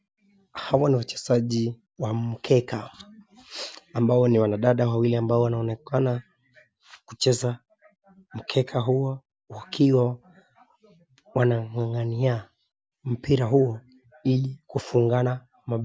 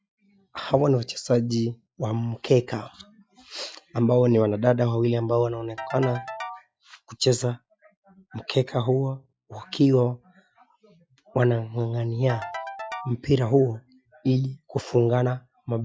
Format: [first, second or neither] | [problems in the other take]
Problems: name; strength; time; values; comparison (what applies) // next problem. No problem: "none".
first | noise reduction (classical method log-MMSE)